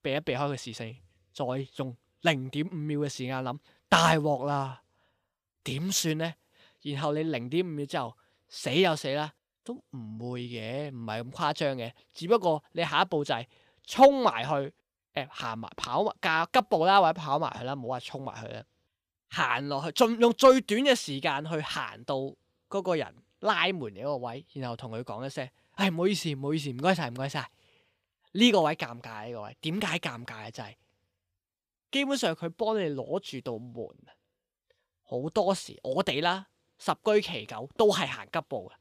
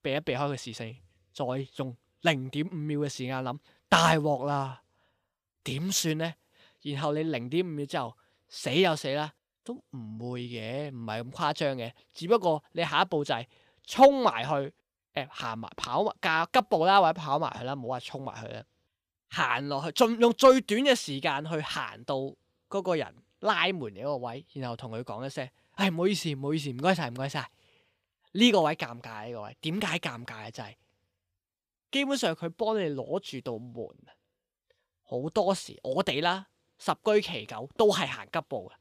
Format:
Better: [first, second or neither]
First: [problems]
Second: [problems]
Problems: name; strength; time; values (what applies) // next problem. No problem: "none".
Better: neither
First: none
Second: none